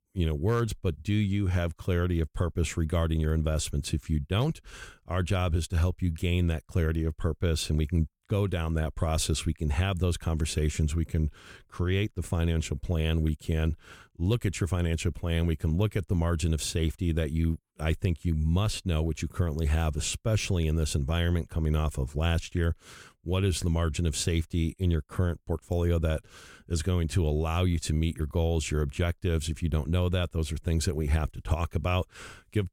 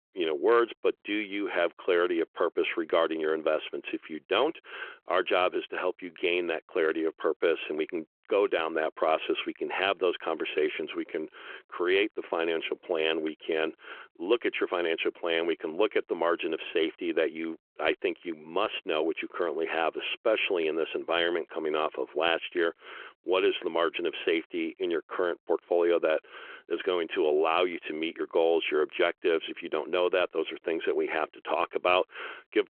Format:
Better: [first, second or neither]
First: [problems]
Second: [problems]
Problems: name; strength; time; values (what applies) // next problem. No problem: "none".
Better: first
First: none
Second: phone-call audio; nothing above 3 kHz